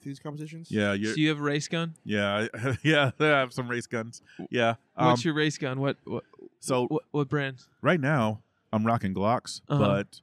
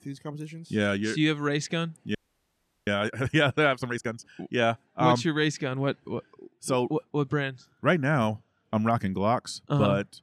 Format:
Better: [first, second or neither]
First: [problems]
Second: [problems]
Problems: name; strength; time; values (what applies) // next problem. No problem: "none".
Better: first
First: none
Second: audio freezing; at 2 s for 0.5 s